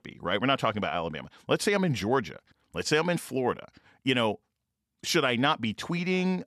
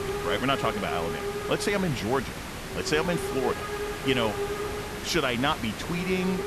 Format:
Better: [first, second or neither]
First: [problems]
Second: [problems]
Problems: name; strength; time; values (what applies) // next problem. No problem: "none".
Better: first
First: none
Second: hiss; loud; throughout; 4 dB below the speech